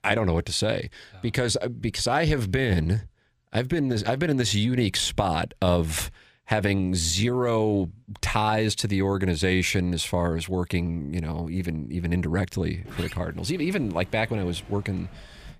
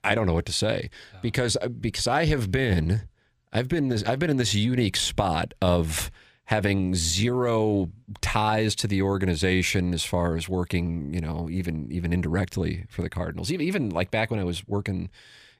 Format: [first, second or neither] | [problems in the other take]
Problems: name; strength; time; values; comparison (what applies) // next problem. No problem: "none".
second | door banging; faint; from 13 s on; peak 10 dB below the speech